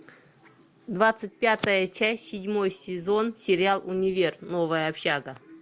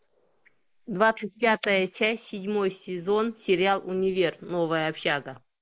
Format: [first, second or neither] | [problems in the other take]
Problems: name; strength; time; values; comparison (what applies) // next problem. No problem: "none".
first | noise reduction (neural mask model Resemble Enhance denoiser)